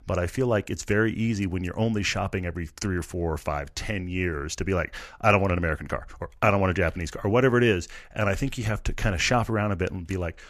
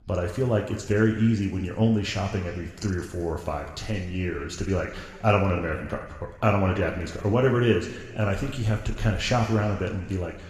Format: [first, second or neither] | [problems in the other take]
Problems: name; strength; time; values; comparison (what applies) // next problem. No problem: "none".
first | room echo; noticeable; dies away in 1.5 s // off-mic speech; somewhat distant